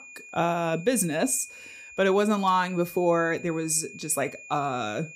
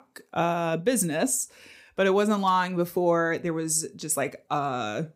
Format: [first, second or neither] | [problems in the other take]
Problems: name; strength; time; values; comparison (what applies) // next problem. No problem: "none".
second | high-pitched whine; noticeable; throughout; 2.5 kHz, 15 dB below the speech